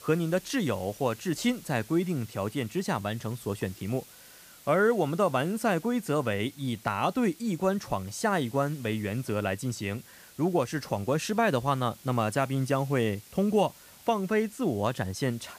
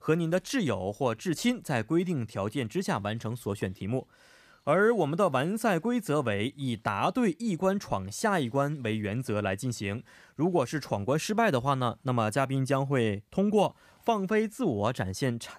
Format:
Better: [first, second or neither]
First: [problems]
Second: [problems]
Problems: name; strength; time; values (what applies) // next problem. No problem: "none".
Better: second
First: hiss; faint; throughout; 20 dB below the speech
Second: none